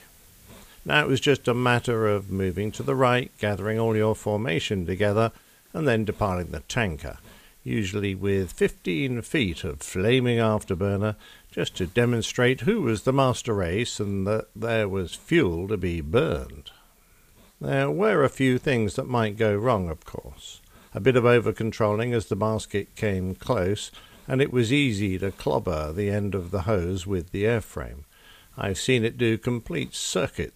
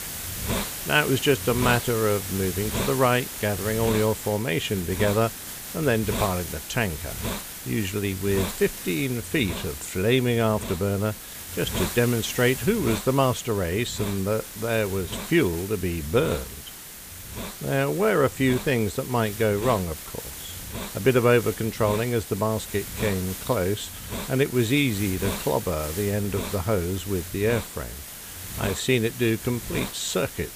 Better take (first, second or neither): first